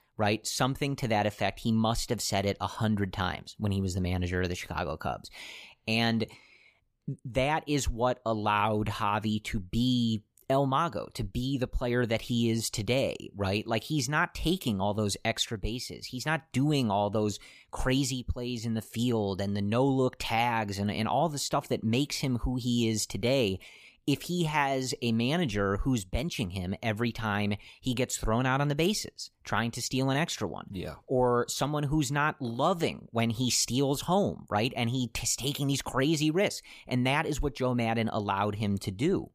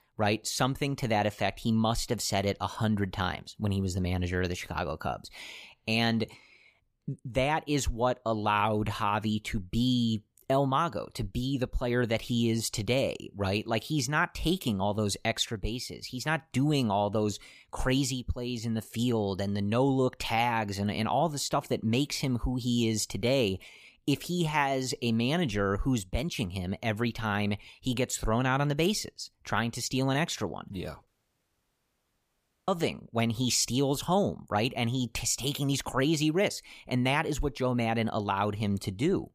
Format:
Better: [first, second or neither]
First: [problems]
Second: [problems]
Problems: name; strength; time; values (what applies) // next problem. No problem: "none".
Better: first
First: none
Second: audio cutting out; at 31 s for 1.5 s